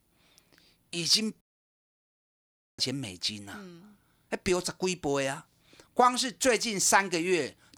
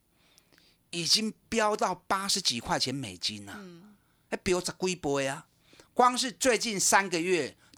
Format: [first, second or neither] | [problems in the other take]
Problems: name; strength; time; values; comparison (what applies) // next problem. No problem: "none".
second | audio cutting out; at 1.5 s for 1.5 s